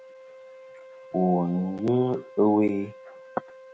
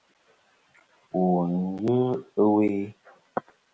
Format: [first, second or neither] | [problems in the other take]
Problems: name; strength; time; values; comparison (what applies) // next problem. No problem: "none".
second | background sound (Wind instrument, woodwind instrument); 20 dB below the speech